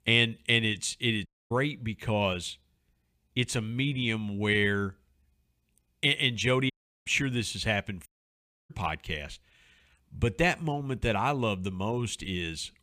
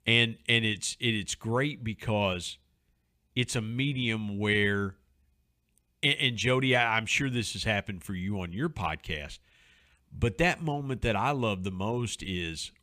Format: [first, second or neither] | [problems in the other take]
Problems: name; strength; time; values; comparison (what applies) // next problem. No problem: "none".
second | audio cutting out; at 1.5 s, at 6.5 s and at 8 s for 0.5 s